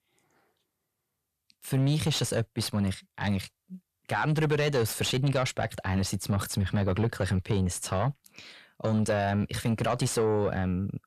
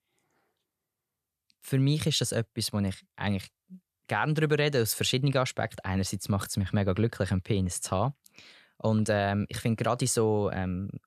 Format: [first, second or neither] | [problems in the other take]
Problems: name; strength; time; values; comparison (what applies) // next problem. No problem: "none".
second | distortion; slight; 10 dB below the speech